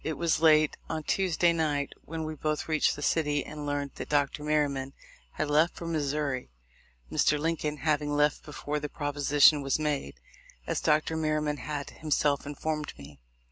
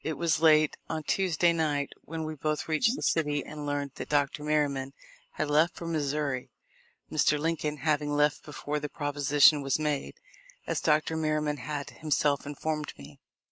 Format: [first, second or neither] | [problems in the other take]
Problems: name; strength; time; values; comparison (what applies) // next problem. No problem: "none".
first | noise reduction (neural mask model Resemble Enhance denoiser)